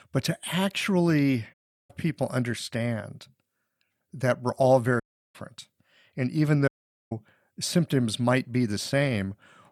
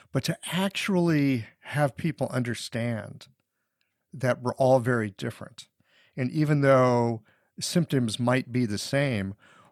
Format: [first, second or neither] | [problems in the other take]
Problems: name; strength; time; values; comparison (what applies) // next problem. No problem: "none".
second | audio cutting out; at 1.5 s, at 5 s and at 6.5 s